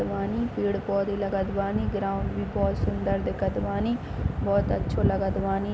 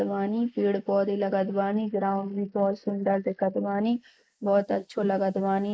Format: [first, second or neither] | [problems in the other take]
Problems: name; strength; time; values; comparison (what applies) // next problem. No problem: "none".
first | noise reduction (neural mask model Resemble Enhance denoiser)